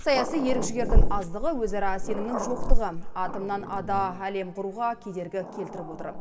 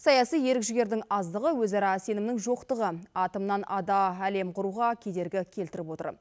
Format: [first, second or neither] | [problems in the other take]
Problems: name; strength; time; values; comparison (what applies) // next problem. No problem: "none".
second | background sound (Growling); 4 dB above the speech // room echo; dies away in 1.8 s